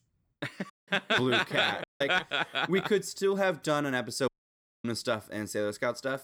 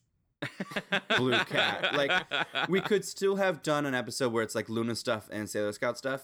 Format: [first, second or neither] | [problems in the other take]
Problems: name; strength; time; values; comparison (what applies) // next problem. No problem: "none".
second | audio cutting out; at 0.5 s, at 2 s and at 4.5 s for 0.5 s